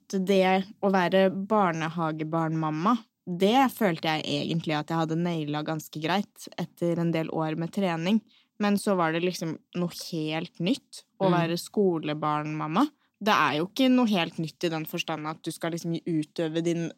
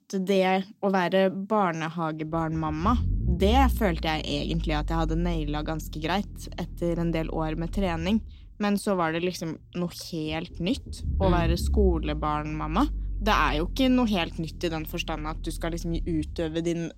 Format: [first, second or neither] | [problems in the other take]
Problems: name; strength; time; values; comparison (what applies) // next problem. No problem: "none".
first | low rumble; faint; from 2.5 s on; 20 dB below the speech